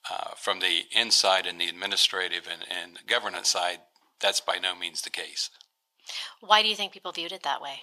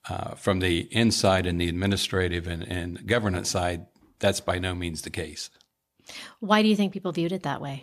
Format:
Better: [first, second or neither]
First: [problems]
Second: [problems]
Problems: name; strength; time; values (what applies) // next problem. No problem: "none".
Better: second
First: thin; very; fading below 750 Hz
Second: none